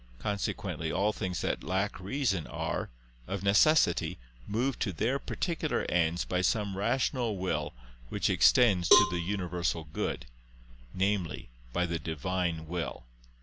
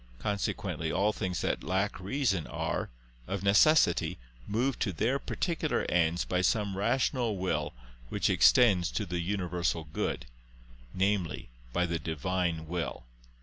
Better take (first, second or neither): second